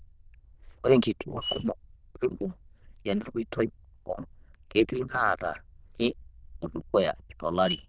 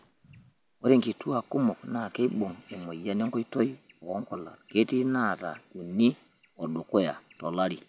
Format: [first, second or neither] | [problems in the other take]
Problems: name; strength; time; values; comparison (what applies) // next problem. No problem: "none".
second | noise reduction (neural diffusion model UNIVERSE++)